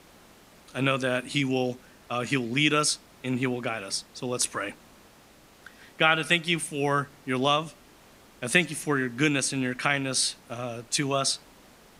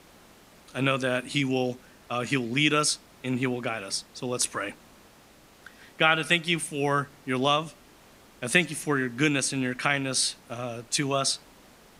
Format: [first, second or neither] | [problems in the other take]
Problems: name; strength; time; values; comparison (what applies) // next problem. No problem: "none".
neither | hiss; faint; throughout; 25 dB below the speech; the same in both